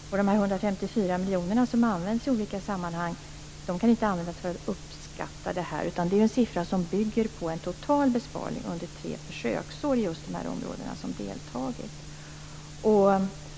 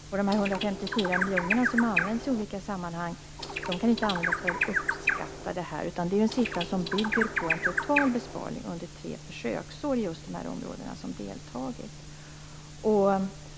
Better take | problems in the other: first | background sound (Bird); 1 dB below the speech

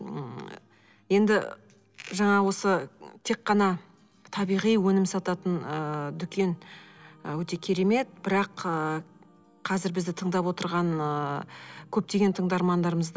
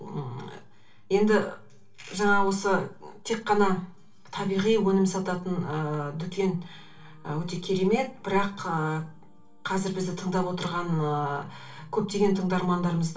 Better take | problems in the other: first | room echo; dies away in 0.3 s

